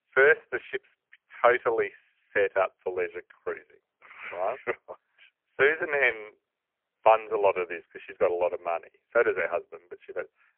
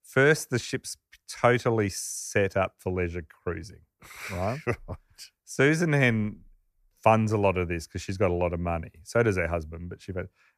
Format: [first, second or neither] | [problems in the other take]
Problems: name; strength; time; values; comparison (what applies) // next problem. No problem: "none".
second | phone-call audio; poor line; nothing above 3 kHz